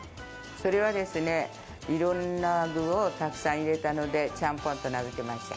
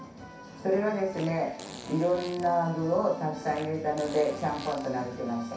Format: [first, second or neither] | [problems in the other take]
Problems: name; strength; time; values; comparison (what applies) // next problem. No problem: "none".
first | background sound (Fart); 19 dB below the speech // room echo; dies away in 0.6 s